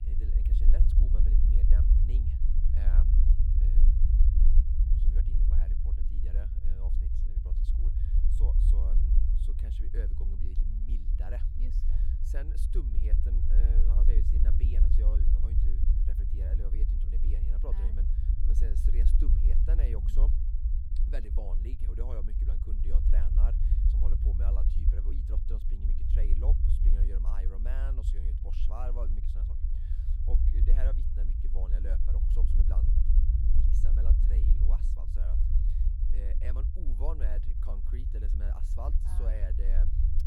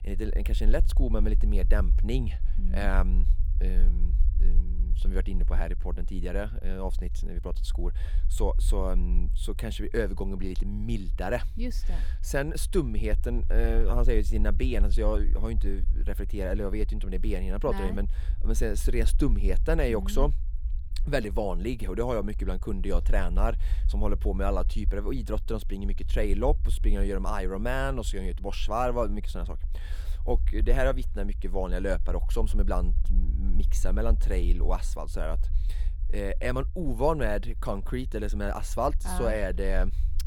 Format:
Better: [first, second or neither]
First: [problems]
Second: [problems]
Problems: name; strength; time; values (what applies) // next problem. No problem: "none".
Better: second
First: low rumble; loud; throughout; as loud as the speech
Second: low rumble; faint; throughout; 20 dB below the speech